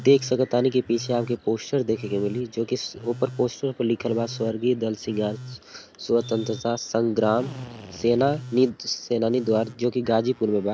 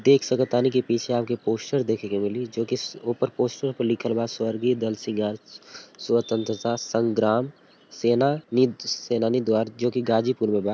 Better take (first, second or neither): second